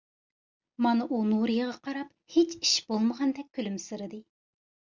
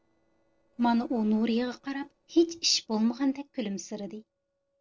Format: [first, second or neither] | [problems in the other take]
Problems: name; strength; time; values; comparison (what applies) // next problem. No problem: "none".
first | noise reduction (neural separator model SepFormer DNS4)